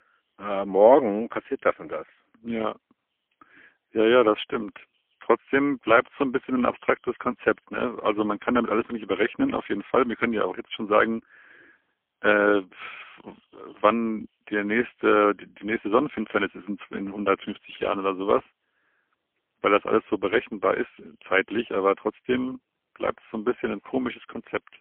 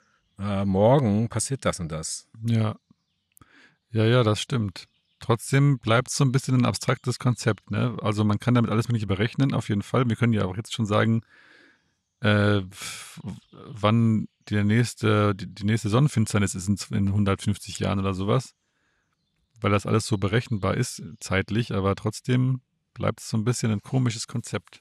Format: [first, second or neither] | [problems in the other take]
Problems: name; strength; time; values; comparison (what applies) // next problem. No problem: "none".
second | phone-call audio; poor line; nothing above 3.5 kHz